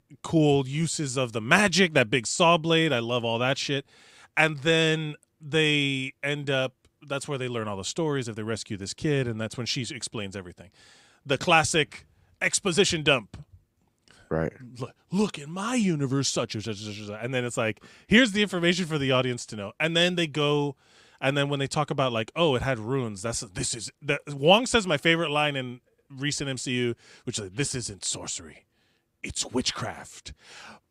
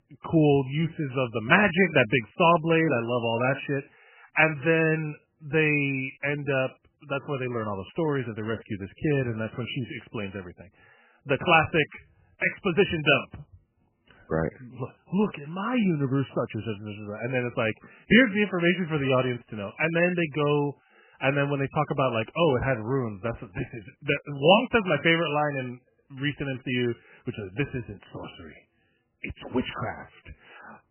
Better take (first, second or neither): first